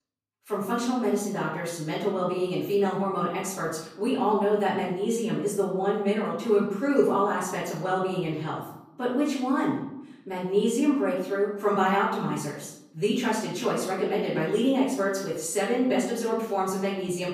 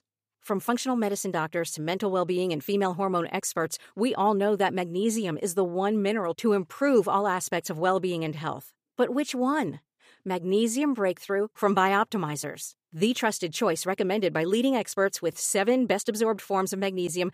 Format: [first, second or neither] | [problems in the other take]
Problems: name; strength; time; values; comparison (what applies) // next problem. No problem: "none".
second | off-mic speech; far // room echo; noticeable; dies away in 0.7 s